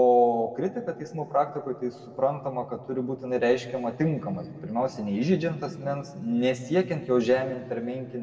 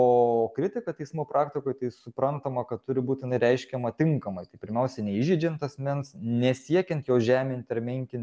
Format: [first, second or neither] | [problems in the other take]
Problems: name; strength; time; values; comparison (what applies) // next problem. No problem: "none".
second | room echo; dies away in 1.8 s